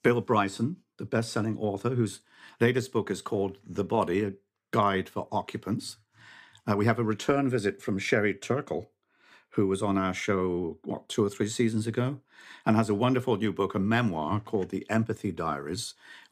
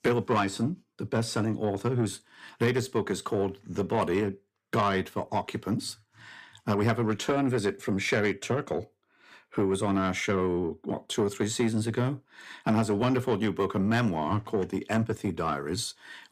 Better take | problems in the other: first | distortion; slight; 10 dB below the speech

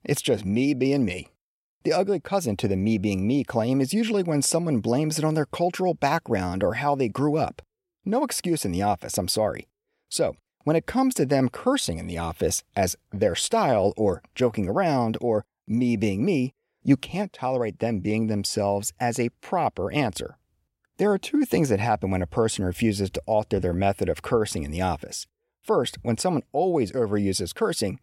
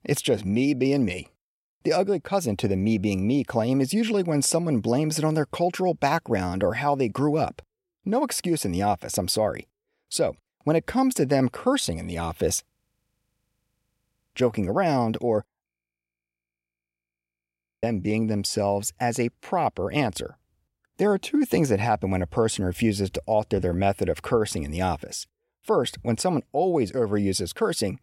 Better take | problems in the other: first | audio freezing; at 13 s for 1.5 s and at 16 s for 2 s

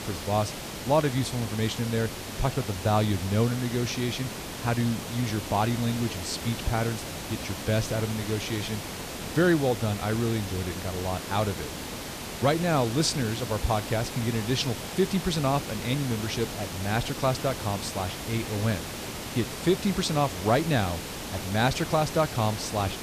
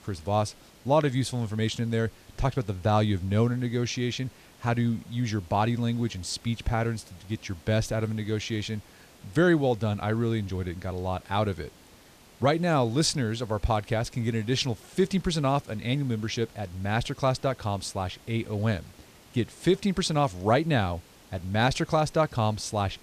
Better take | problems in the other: second | hiss; loud; throughout; 7 dB below the speech; faint in the second

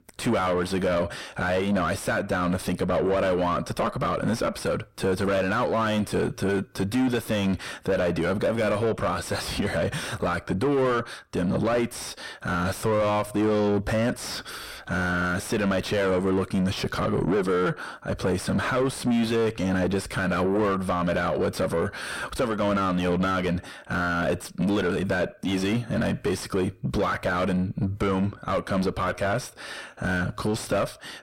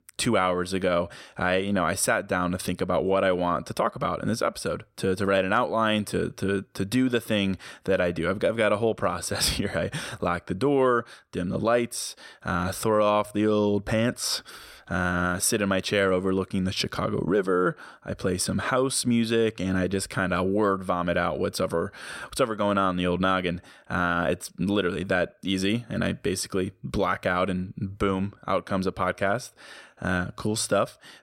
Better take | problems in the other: second | distortion; heavy; 5 dB below the speech

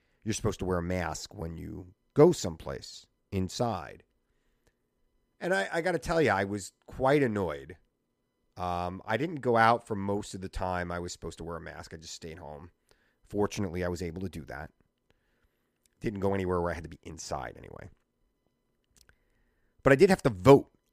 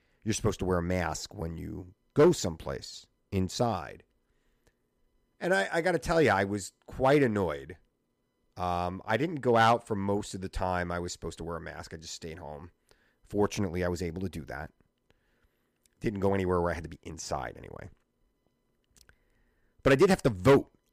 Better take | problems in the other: first | distortion; slight; 0.9% of the sound clipped

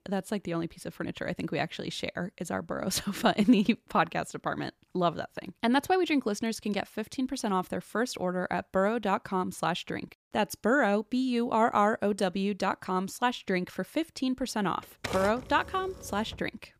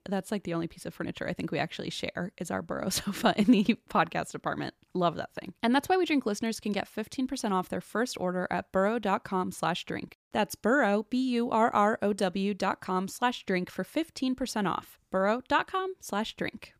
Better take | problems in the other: second | keyboard typing; noticeable; from 15 s on; peak 6 dB below the speech

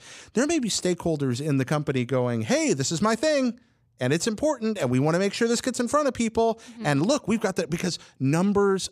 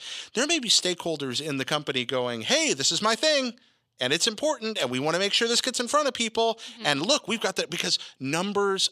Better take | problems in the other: first | thin; very slightly; fading below 600 Hz

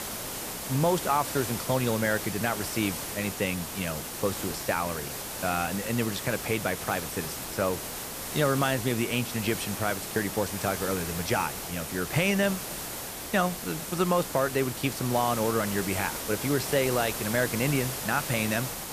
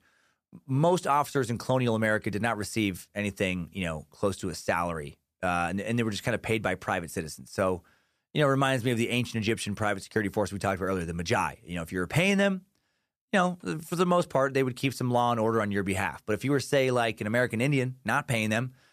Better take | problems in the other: second | hiss; loud; throughout; 5 dB below the speech

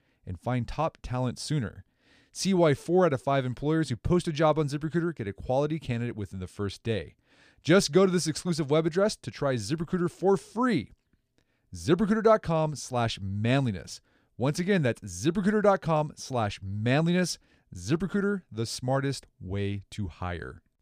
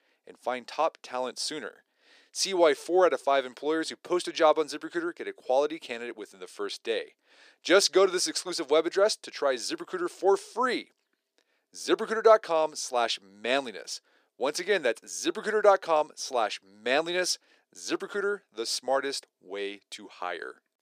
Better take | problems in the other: first | thin; very; fading below 350 Hz

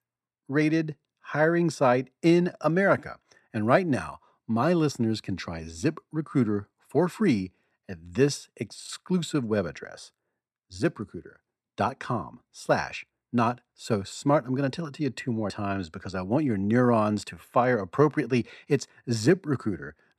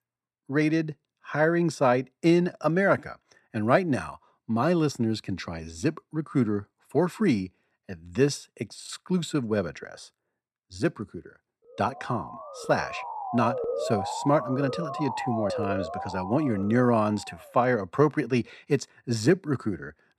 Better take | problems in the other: first | siren; noticeable; from 12 to 17 s; peak 3 dB below the speech

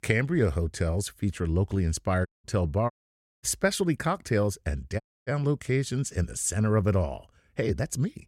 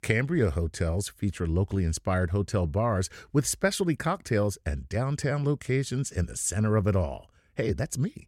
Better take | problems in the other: second | audio cutting out; at 2.5 s, at 3 s for 0.5 s and at 5 s

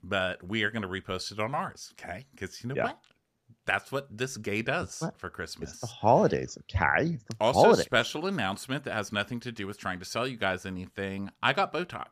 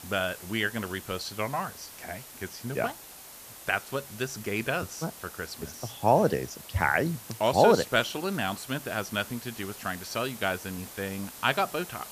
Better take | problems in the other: first | hiss; noticeable; throughout; 15 dB below the speech

